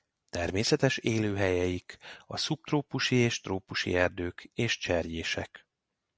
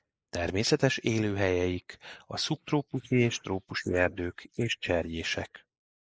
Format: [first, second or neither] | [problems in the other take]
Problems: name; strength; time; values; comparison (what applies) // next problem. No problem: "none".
first | noise reduction (neural mask model Resemble Enhance denoiser)